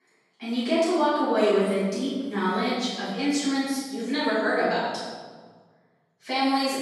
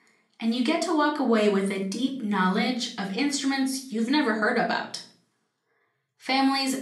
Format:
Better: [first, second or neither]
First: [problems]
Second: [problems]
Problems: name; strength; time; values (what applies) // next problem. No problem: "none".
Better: second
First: room echo; strong; dies away in 1.7 s // off-mic speech; far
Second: room echo; slight; dies away in 0.4 s // off-mic speech; somewhat distant